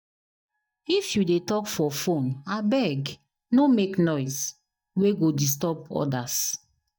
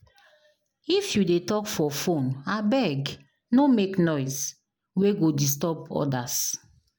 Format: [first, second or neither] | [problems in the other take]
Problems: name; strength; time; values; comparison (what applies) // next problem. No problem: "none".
second | noise reduction (neural mask model DeepFilterNet 3)